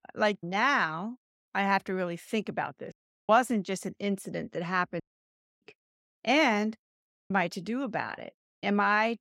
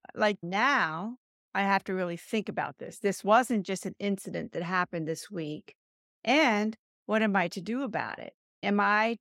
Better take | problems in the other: second | audio cutting out; at 3 s, at 5 s for 0.5 s and at 7 s

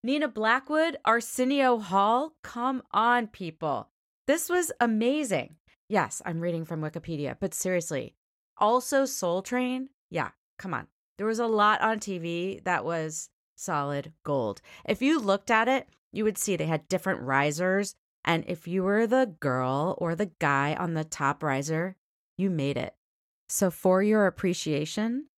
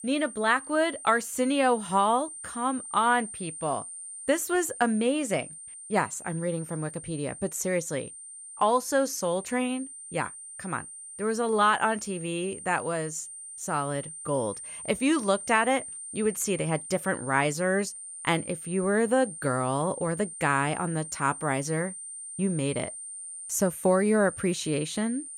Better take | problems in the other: first | high-pitched whine; noticeable; throughout; 9 kHz, 10 dB below the speech

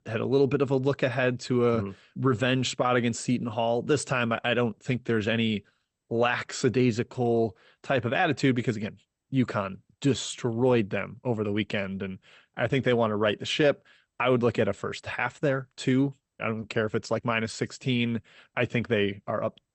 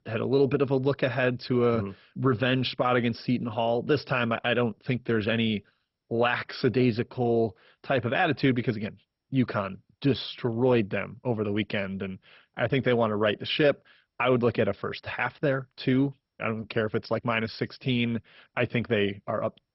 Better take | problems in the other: first | garbled, watery; badly; nothing above 5.5 kHz; slightly in the first

